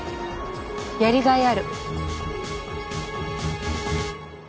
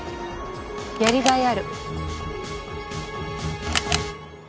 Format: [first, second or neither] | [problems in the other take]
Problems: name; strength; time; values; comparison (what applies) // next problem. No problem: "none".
first | background sound (Camera); 7 dB below the speech